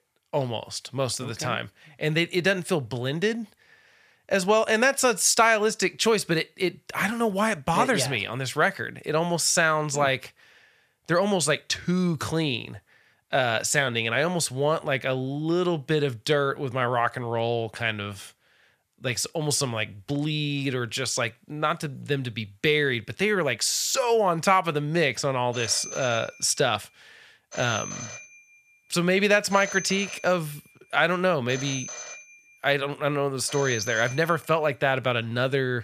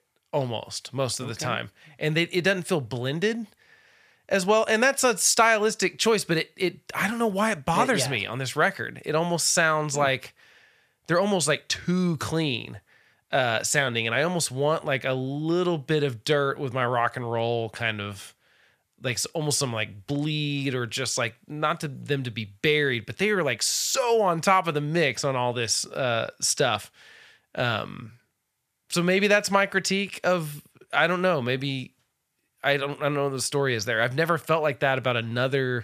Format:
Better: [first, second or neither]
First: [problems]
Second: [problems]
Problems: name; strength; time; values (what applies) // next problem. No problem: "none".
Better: second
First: phone ringing; noticeable; from 26 to 34 s; peak 8 dB below the speech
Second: none